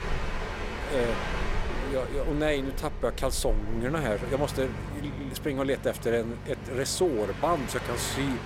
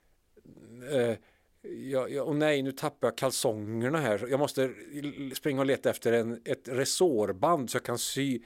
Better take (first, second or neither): second